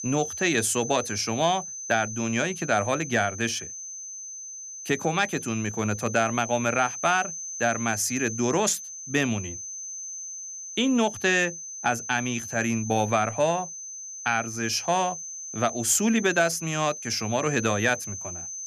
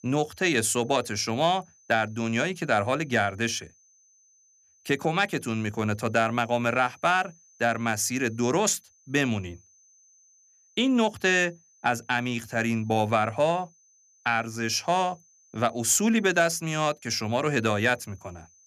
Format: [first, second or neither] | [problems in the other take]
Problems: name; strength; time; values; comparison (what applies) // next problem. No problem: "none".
second | high-pitched whine; loud; throughout; 6 kHz, 9 dB below the speech; faint in the second